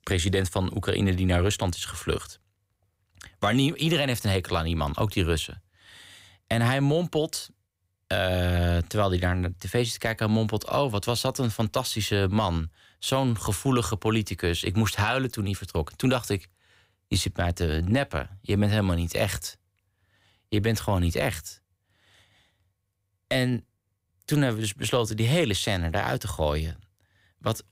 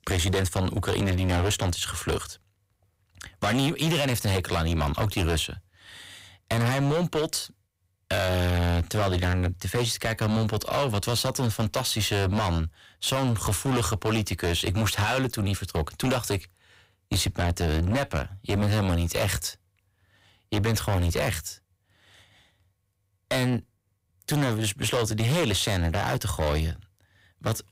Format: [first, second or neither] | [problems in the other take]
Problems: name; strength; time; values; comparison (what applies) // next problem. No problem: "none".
first | distortion; heavy; 17% of the sound clipped